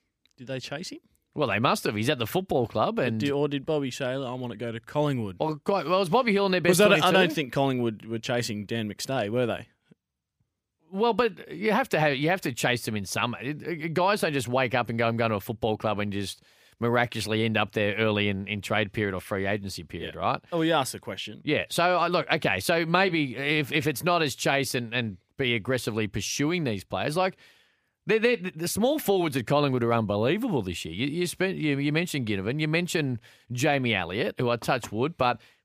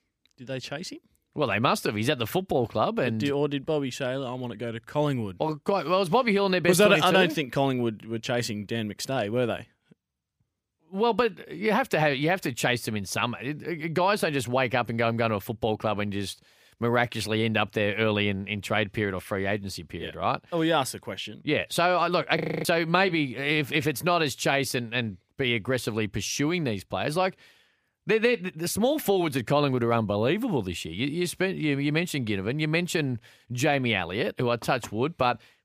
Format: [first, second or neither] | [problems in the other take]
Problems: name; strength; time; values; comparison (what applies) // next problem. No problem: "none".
first | audio freezing; at 22 s